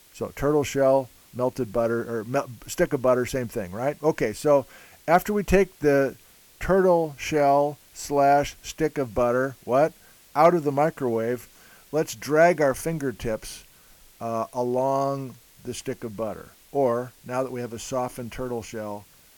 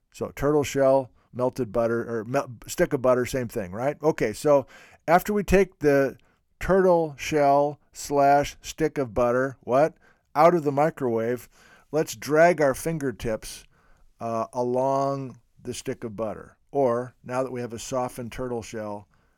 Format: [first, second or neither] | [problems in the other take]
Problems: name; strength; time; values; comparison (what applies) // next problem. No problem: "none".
second | hiss; faint; throughout; 25 dB below the speech